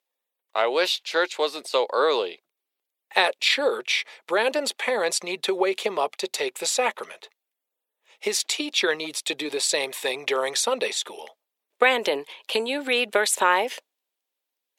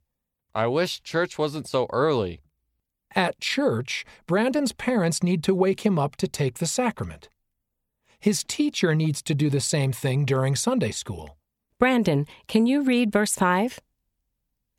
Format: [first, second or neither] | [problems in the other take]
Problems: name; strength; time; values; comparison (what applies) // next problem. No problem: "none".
second | thin; very; fading below 400 Hz